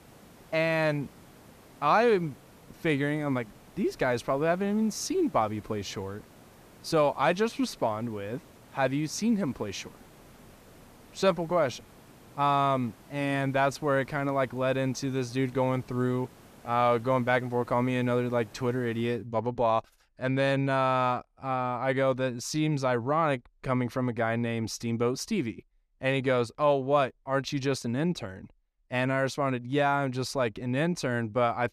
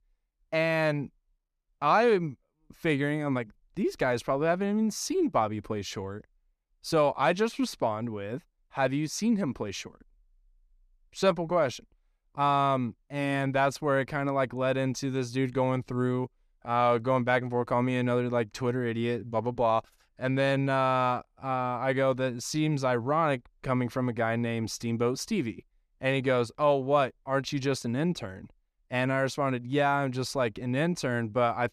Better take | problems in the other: second | hiss; faint; until 19 s; 25 dB below the speech

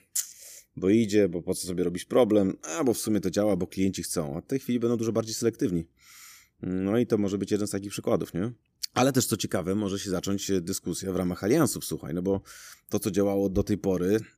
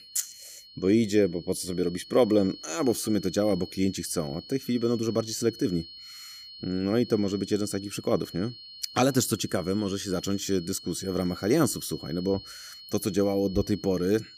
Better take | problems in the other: first | high-pitched whine; noticeable; throughout; 4.5 kHz, 15 dB below the speech

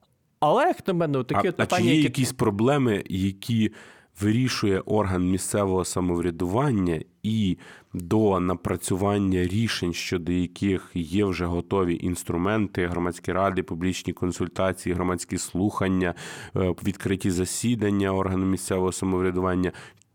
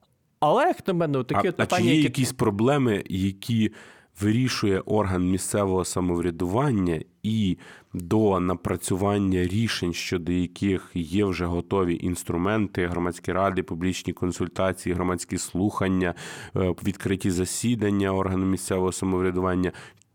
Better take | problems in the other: neither | none

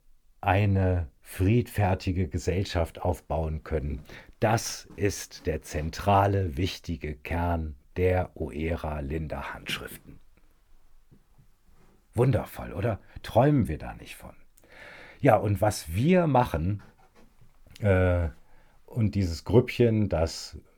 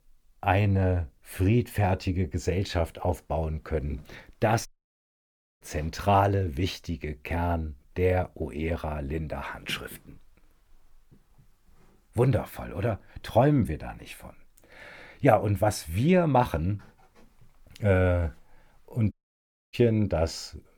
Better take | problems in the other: first | audio cutting out; at 4.5 s for 1 s and at 19 s for 0.5 s

